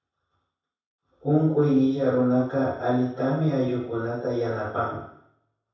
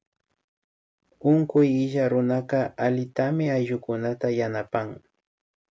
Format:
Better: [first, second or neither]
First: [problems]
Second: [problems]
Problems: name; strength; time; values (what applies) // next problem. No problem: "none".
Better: second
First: room echo; dies away in 0.7 s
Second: none